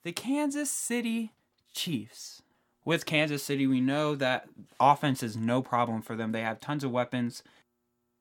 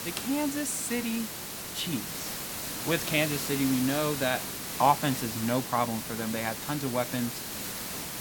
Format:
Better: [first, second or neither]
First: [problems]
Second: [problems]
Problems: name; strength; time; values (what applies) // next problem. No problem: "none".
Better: first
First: none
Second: hiss; loud; throughout; 4 dB below the speech